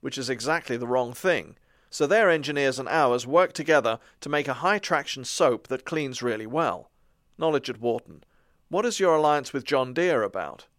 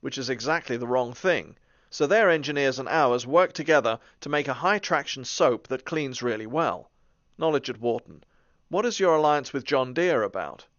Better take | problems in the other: first | garbled, watery; slightly; nothing above 6.5 kHz

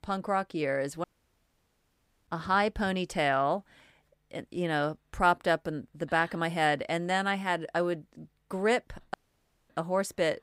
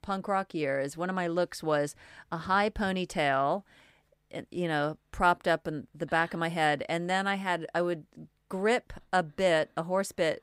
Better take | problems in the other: second | audio cutting out; at 1 s for 1 s and at 9 s for 0.5 s

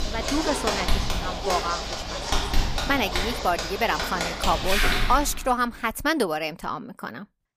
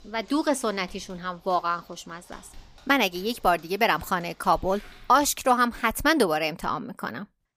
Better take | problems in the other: second | household noises; loud; until 5 s; as loud as the speech; faint in the second

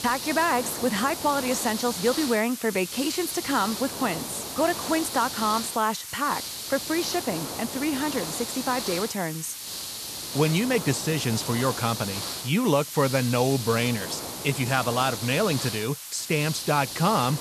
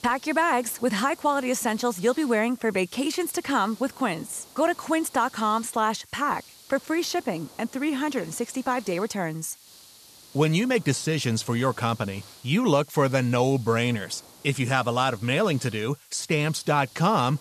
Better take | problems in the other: second | hiss; loud; throughout; 6 dB below the speech; faint in the second

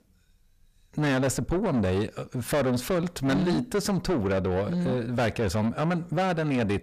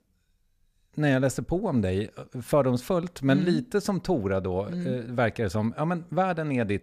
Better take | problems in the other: second | distortion; heavy; 7 dB below the speech

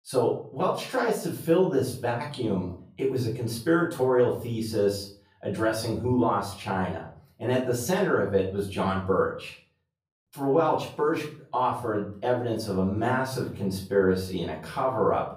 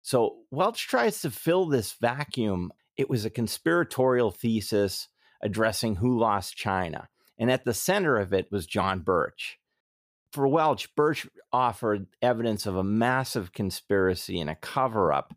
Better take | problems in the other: second | off-mic speech; far // room echo; slight; dies away in 0.4 s

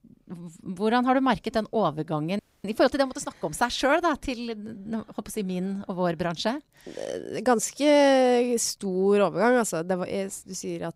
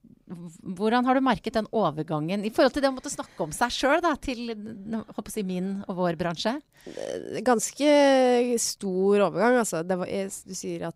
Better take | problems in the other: second | audio freezing; at 2.5 s

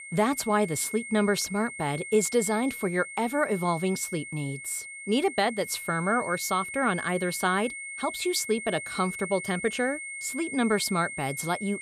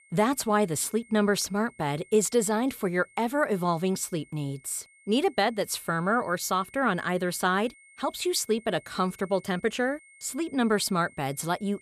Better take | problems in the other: second | high-pitched whine; loud; throughout; 2 kHz, 9 dB below the speech; faint in the second

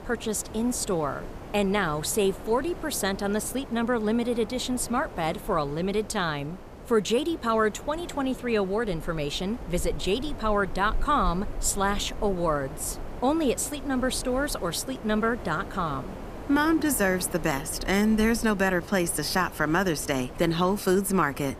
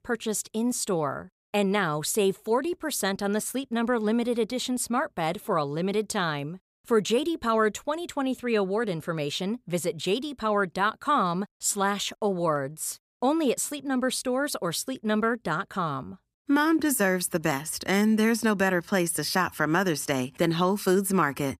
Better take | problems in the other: second | wind noise on the microphone; occasional gusts; 15 dB below the speech

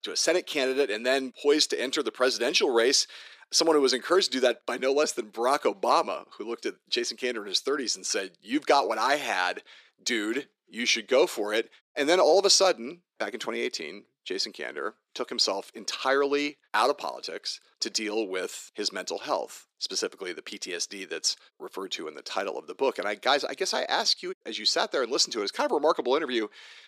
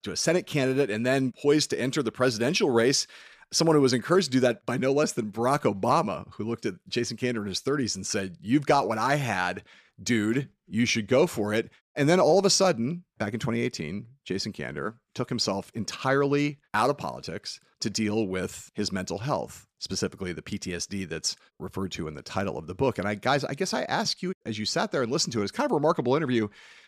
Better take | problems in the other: second | thin; somewhat; fading below 300 Hz

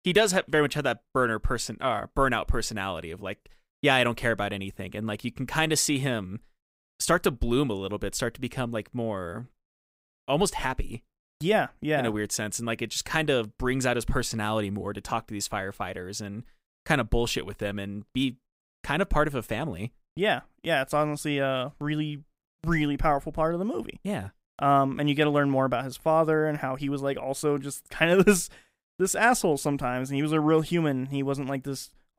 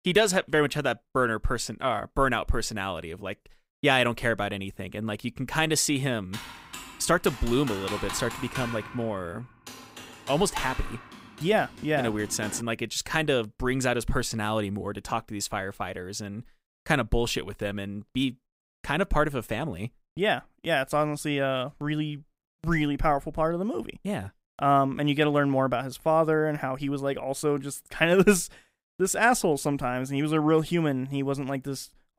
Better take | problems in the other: first | keyboard typing; noticeable; from 6.5 to 13 s; peak 7 dB below the speech

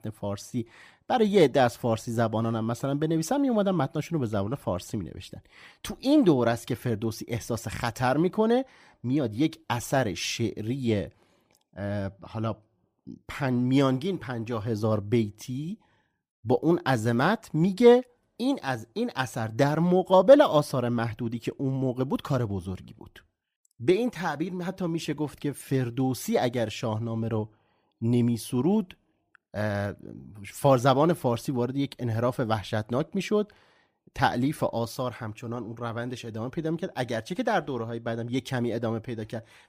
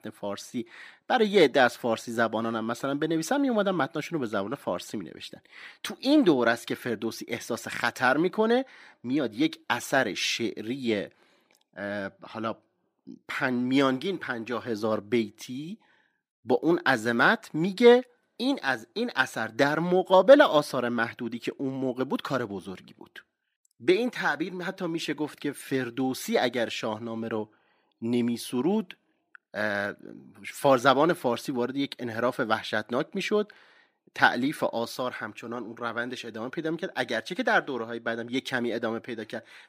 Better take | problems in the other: first | thin; very slightly; fading below 250 Hz

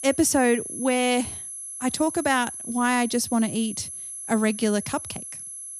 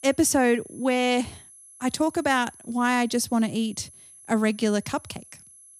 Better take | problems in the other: second | high-pitched whine; loud; throughout; 11 kHz, 9 dB below the speech; faint in the second

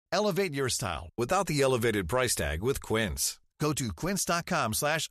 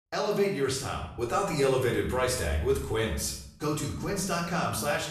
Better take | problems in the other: first | off-mic speech; far // room echo; noticeable; dies away in 0.7 s

